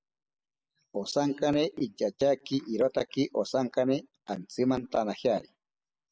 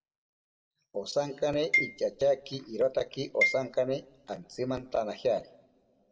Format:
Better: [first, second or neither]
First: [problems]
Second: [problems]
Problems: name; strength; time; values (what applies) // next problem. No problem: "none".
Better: first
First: none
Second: background sound (Marimba, xylophone); 3 dB below the speech // room echo; dies away in 0.5 s